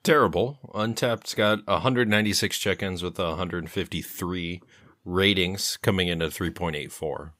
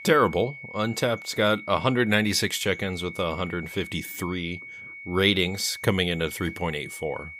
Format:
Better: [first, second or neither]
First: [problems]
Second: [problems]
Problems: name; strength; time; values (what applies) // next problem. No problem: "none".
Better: first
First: none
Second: high-pitched whine; noticeable; throughout; 2 kHz, 15 dB below the speech